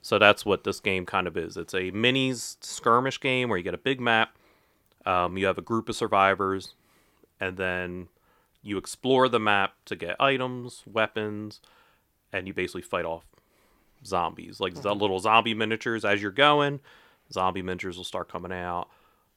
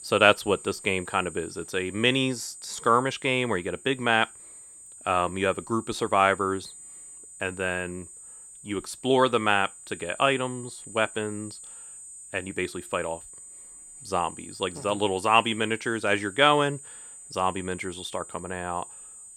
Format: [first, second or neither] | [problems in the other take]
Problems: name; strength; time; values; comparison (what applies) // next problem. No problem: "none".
first | high-pitched whine; noticeable; throughout; 8 kHz, 15 dB below the speech